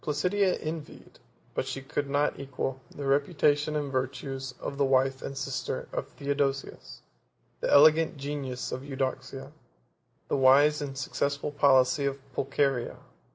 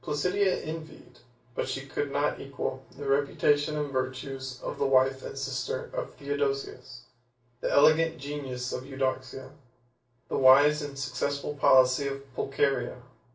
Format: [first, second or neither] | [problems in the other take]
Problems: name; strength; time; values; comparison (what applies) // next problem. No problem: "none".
first | room echo; dies away in 0.3 s